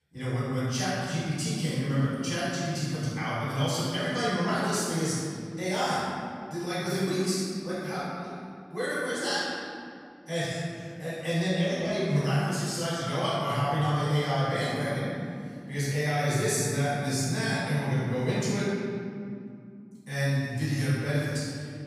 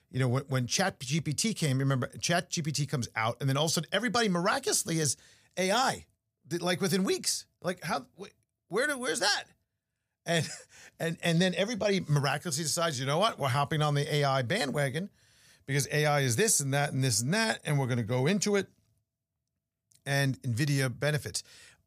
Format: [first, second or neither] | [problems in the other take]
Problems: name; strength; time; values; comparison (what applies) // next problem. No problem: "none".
second | room echo; strong; dies away in 2.4 s // off-mic speech; far